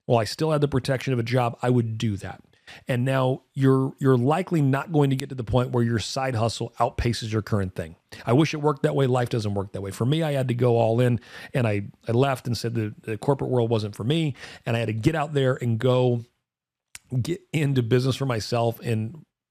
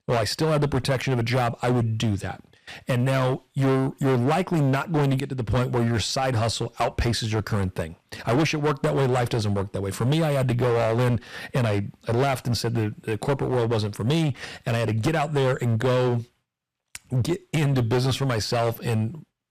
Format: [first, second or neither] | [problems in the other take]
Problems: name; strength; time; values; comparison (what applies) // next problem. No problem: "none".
first | distortion; heavy; 15% of the sound clipped